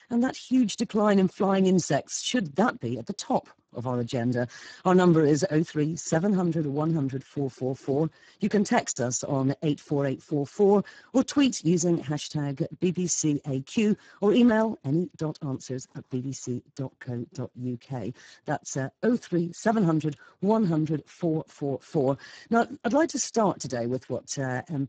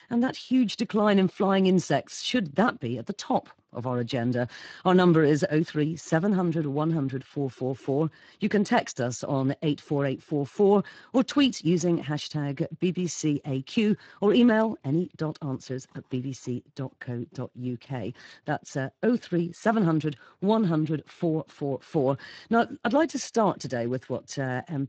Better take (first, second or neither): second